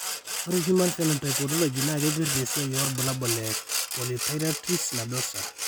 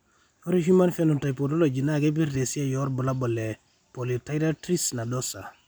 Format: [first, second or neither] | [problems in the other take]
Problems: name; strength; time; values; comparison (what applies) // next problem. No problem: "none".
second | background sound (Sawing); 2 dB below the speech